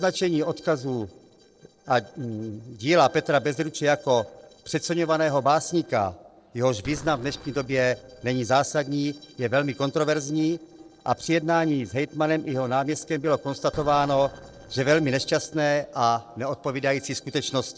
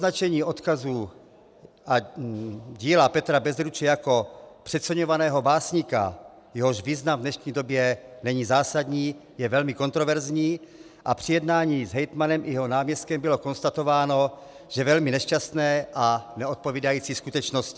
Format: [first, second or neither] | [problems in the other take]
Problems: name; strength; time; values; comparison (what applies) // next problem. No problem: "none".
second | noise reduction (neural separator model SepFormer DNS4)